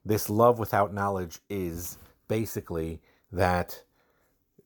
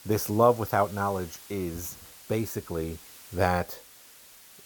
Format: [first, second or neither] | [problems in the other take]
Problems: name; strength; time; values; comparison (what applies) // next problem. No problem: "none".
first | hiss; noticeable; throughout; 20 dB below the speech